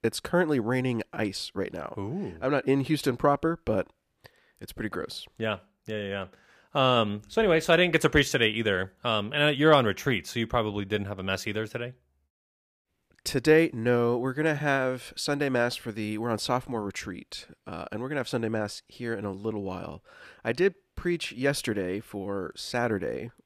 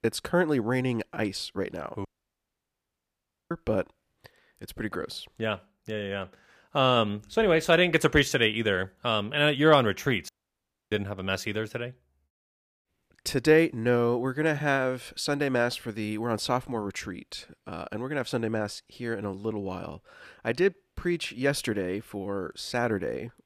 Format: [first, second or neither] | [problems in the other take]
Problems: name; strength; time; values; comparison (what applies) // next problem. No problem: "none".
first | audio cutting out; at 2 s for 1.5 s and at 10 s for 0.5 s